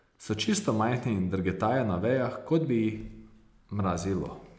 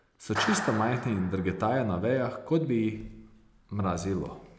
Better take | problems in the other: first | background sound (Clapping); 9 dB below the speech

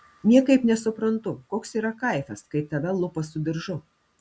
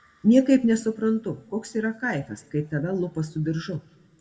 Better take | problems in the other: first | room echo; dies away in 0.8 s

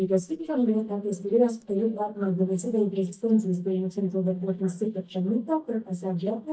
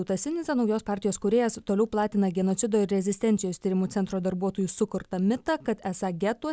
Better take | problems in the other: second | noise reduction (neural mask model DeepFilterNet 3)

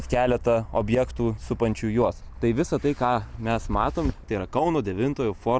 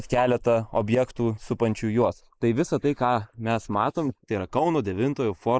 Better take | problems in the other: first | noise reduction (neural mask model Resemble Enhance denoiser)

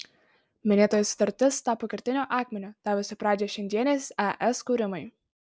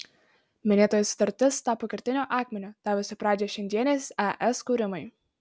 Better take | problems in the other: second | noise reduction (neural mask model Resemble Enhance denoiser)

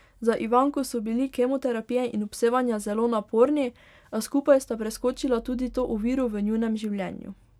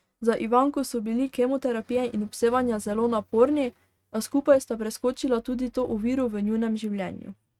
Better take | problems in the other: first | noise reduction (neural mask model RNNoise)

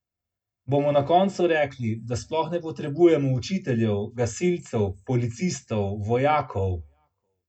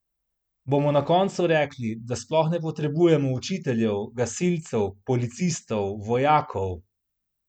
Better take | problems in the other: second | room echo; dies away in 0.2 s

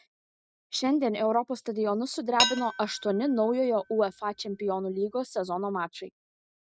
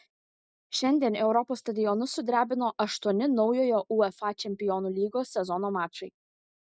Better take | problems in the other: second | background sound (Dishes, pots, and pans); 6 dB below the speech

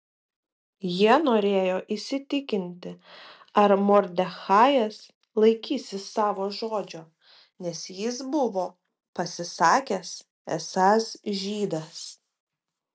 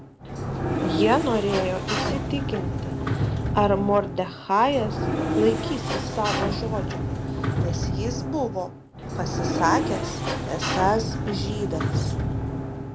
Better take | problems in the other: first | background sound (Sliding door); as loud as the speech

